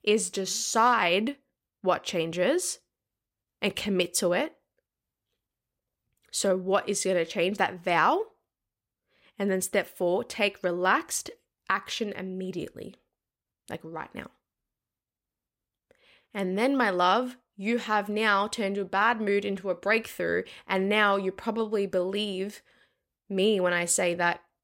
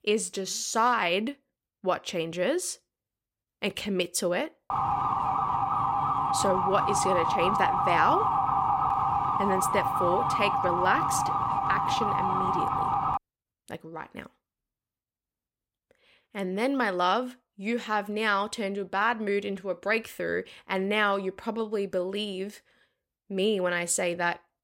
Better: first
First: none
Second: siren; loud; from 4.5 to 13 s; peak 4 dB above the speech

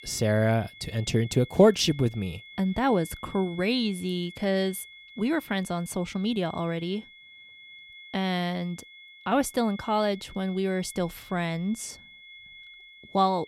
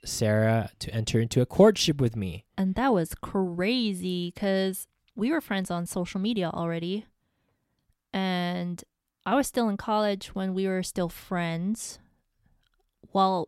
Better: second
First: high-pitched whine; noticeable; throughout; 2 kHz, 20 dB below the speech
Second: none

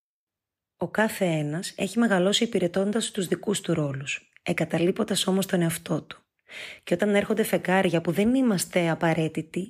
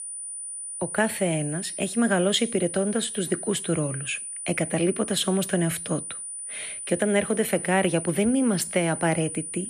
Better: first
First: none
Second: high-pitched whine; loud; throughout; 9.5 kHz, 7 dB below the speech

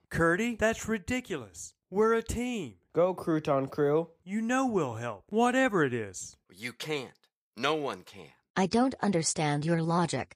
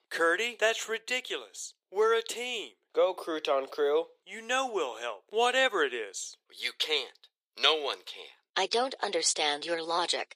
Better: first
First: none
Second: thin; very; fading below 400 Hz

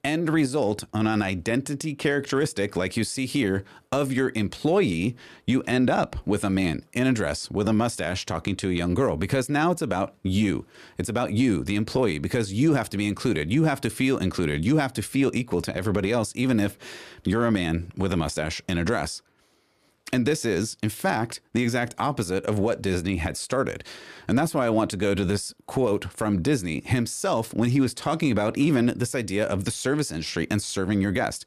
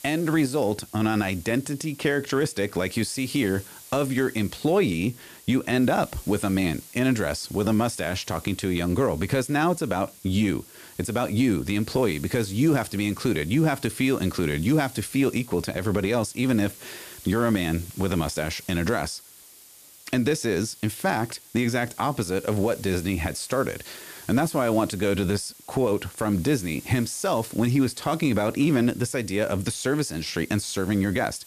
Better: first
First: none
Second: hiss; noticeable; throughout; 20 dB below the speech

